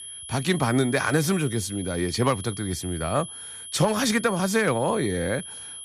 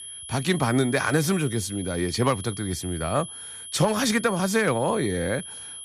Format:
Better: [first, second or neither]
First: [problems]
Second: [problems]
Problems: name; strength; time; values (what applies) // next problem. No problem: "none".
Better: neither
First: high-pitched whine; noticeable; throughout; 11 kHz, 10 dB below the speech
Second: high-pitched whine; noticeable; throughout; 11 kHz, 10 dB below the speech